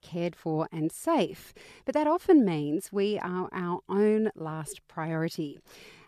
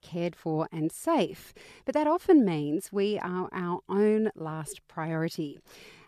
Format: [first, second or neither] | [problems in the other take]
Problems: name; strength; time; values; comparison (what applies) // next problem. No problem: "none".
neither | none